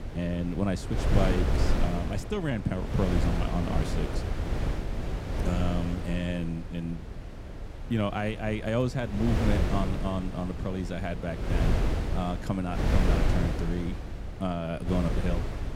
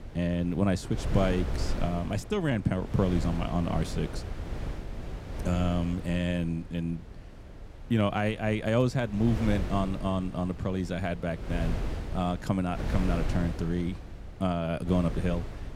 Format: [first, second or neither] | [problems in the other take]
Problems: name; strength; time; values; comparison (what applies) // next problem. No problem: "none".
second | wind noise on the microphone; heavy; 3 dB below the speech; occasional gusts in the second